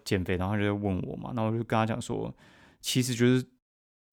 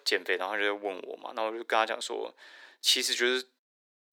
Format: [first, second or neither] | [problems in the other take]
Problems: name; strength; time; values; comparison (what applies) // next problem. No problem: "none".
first | thin; very; fading below 400 Hz